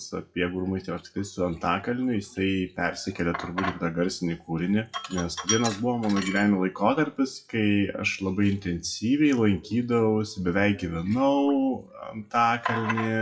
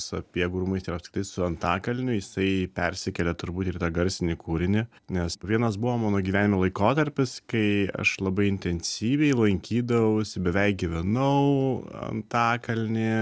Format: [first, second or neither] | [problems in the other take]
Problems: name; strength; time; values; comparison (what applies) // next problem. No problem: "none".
second | noise reduction (classical method WPE with log-MMSE)